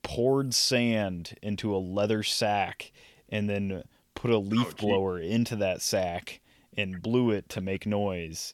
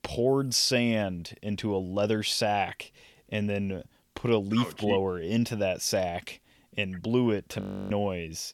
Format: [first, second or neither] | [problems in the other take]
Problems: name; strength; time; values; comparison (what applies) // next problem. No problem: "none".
first | audio freezing; at 7.5 s